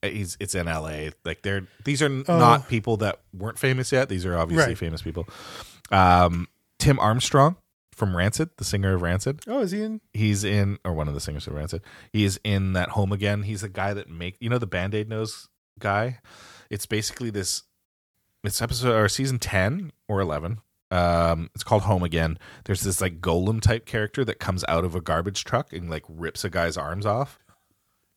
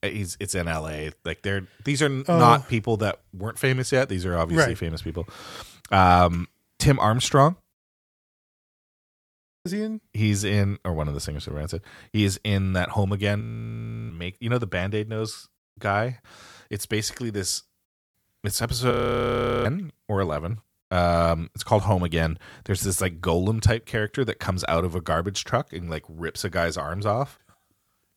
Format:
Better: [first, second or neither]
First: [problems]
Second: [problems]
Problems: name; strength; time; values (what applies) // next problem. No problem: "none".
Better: first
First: none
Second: audio freezing; at 8 s for 2 s, at 13 s for 0.5 s and at 19 s for 0.5 s